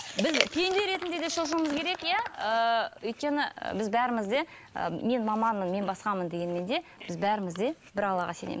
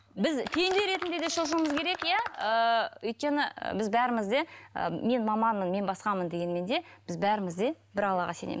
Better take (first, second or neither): second